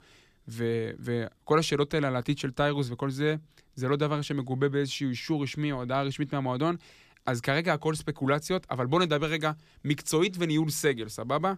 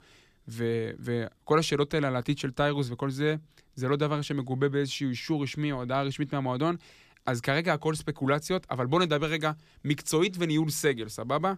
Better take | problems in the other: neither | none

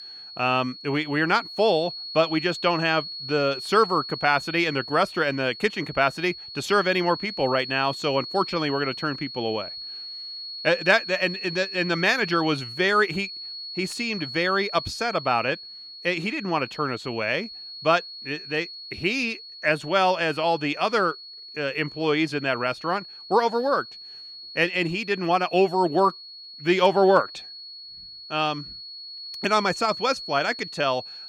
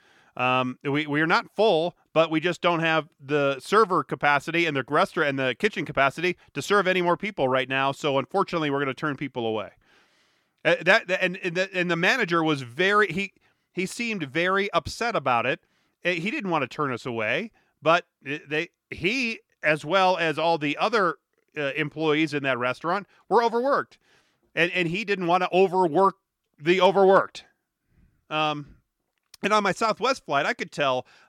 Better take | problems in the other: second | high-pitched whine; noticeable; throughout; 4.5 kHz, 10 dB below the speech

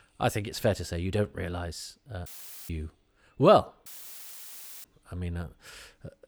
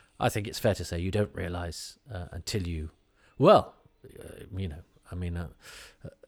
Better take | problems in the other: second | audio cutting out; filled with static; at 2.5 s and at 4 s for 1 s

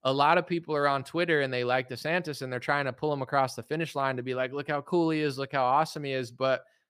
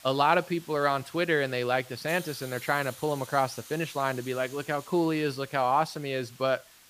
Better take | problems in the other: first | hiss; noticeable; throughout; 20 dB below the speech

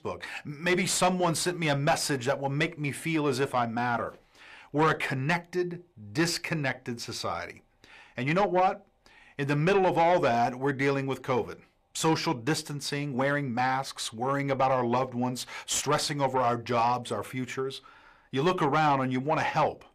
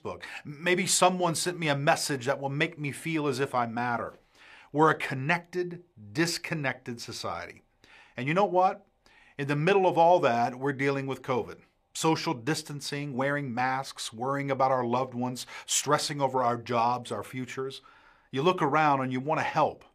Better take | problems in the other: second | distortion; slight; 10 dB below the speech

